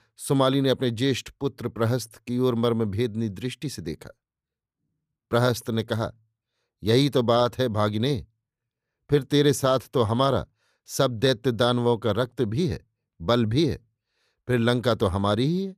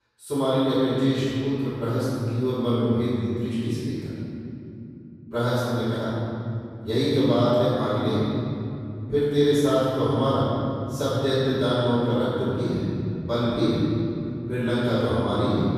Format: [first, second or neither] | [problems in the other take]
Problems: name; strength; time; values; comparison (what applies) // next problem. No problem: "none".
first | off-mic speech; far // room echo; strong; dies away in 3 s